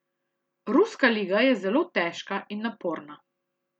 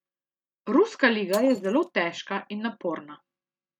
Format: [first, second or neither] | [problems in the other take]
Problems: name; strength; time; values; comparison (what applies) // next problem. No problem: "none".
first | noise reduction (neural mask model RNNoise)